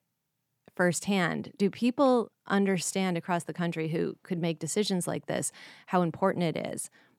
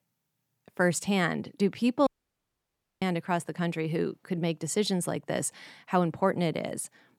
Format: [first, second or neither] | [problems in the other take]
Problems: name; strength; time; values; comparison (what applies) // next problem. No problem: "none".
first | audio cutting out; at 2 s for 1 s